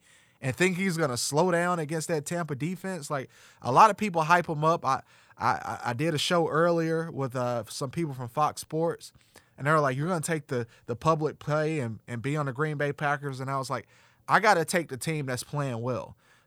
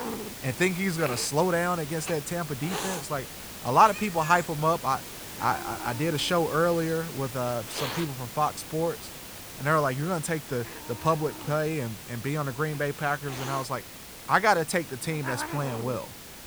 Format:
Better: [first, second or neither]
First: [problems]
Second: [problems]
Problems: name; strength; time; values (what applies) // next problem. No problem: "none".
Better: first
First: none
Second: hiss; loud; throughout; 10 dB below the speech